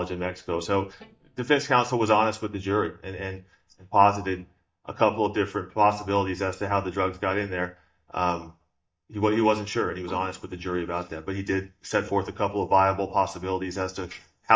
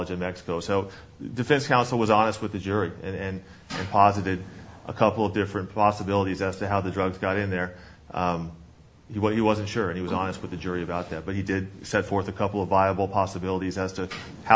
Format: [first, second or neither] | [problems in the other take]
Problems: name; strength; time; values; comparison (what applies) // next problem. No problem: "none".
second | noise reduction (neural mask model DeepFilterNet 3)